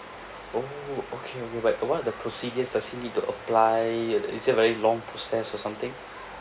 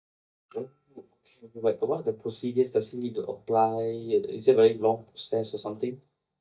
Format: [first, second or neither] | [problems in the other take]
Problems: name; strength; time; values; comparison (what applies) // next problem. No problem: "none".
first | noise reduction (neural mask model DeepFilterNet 3)